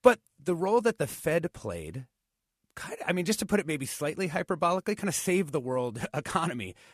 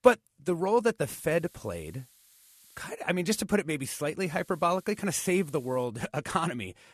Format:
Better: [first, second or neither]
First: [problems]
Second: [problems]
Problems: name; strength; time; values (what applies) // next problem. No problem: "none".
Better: first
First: none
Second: hiss; faint; from 1.5 to 3 s and from 4 to 6 s; 25 dB below the speech